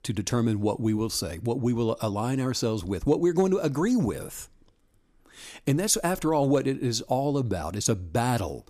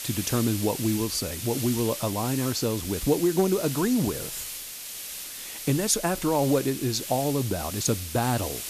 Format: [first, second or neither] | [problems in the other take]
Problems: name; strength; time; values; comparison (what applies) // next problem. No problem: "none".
first | hiss; loud; throughout; 7 dB below the speech